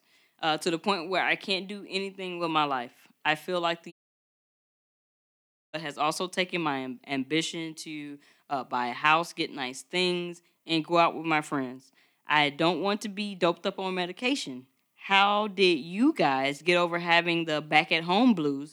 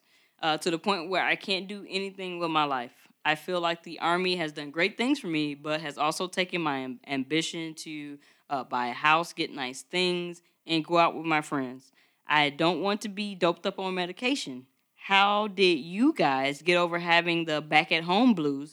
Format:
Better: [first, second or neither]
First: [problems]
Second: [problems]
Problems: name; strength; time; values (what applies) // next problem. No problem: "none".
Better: second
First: audio cutting out; at 4 s for 2 s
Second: none